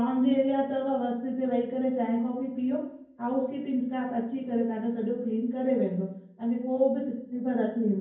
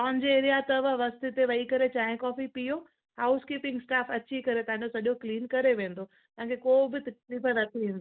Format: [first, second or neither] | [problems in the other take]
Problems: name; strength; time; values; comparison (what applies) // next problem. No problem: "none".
second | room echo; dies away in 0.9 s